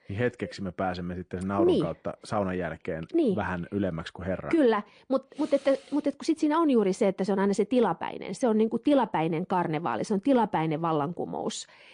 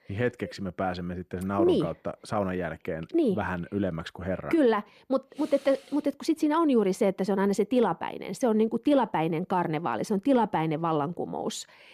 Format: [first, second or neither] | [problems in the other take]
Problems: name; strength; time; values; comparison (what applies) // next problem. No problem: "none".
second | garbled, watery; slightly; nothing above 9 kHz